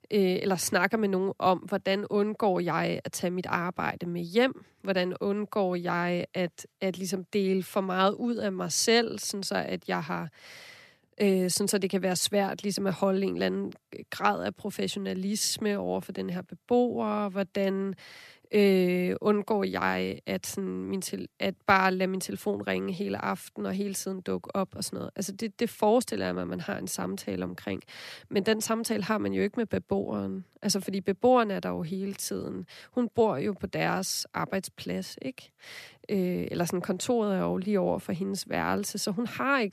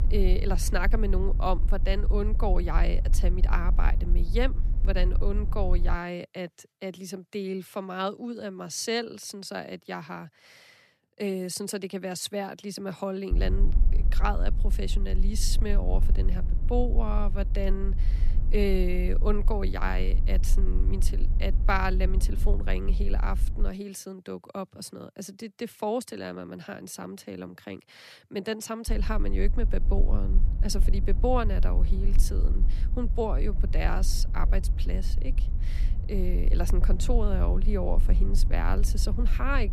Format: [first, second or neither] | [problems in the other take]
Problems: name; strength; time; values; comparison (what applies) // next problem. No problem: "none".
first | low rumble; noticeable; until 6 s, from 13 to 24 s and from 29 s on; 15 dB below the speech